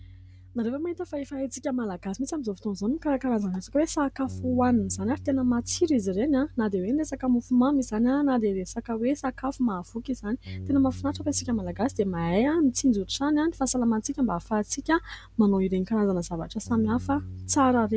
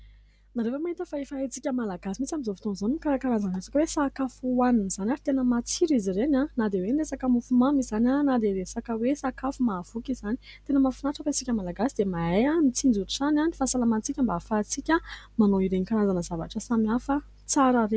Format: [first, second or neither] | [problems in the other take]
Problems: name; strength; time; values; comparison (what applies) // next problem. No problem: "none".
second | background sound (Bass guitar); 17 dB below the speech